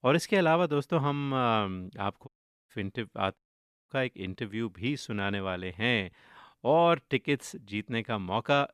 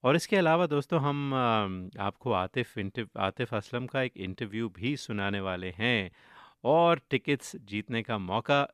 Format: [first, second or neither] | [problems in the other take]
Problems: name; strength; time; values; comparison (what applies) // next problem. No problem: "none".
second | audio cutting out; at 2.5 s and at 3.5 s for 0.5 s